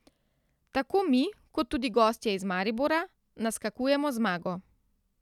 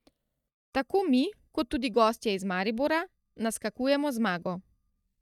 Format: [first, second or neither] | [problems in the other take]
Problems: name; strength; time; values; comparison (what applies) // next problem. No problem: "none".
first | noise reduction (neural mask model DeepFilterNet 3)